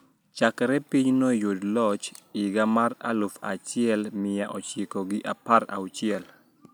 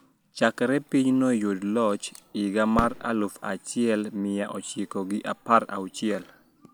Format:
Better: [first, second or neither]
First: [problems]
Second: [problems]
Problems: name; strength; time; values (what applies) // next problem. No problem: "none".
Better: first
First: none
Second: background sound (Fireworks); 18 dB below the speech